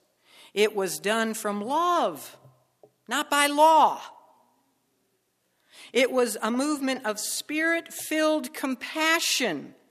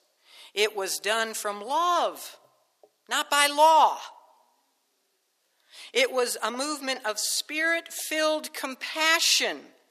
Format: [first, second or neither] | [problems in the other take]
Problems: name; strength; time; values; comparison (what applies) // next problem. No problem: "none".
first | thin; somewhat; fading below 450 Hz